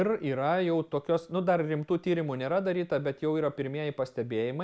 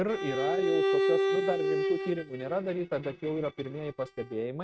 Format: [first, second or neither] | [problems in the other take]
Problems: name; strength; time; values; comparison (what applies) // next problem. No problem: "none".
first | noise reduction (neural mask model RNNoise)